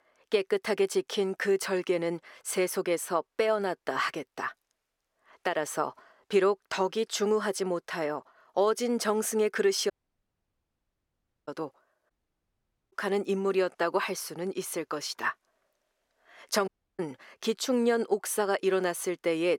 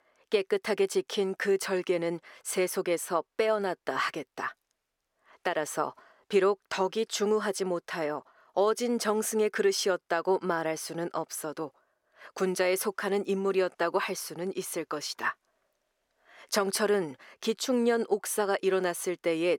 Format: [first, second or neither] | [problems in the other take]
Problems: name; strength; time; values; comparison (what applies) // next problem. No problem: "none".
second | audio cutting out; at 10 s for 1.5 s, at 12 s for 1 s and at 17 s